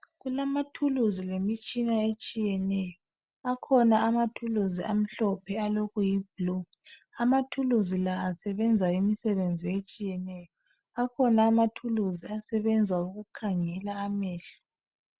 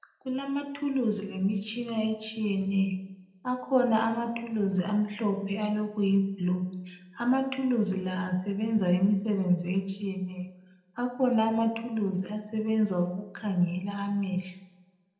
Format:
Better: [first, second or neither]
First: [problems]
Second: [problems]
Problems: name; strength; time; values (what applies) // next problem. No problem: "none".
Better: first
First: none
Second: room echo; dies away in 0.7 s